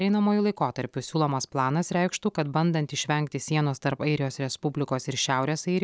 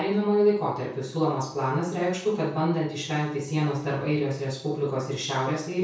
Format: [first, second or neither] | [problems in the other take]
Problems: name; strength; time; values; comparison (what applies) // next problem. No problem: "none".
first | room echo; dies away in 0.6 s